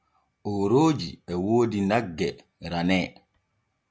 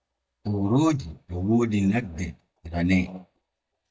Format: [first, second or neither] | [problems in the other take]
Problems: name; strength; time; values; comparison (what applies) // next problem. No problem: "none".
first | noise reduction (neural mask model DeepFilterNet 3)